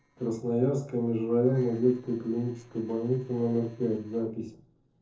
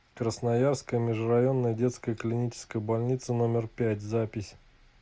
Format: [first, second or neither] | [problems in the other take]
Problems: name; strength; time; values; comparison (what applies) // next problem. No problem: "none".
second | noise reduction (neural separator model SepFormer DNS4)